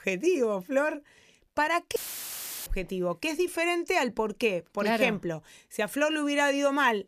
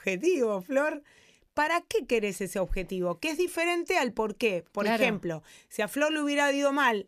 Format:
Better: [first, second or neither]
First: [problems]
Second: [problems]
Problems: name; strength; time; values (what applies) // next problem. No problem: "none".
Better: second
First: audio cutting out; filled with static; at 2 s for 0.5 s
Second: none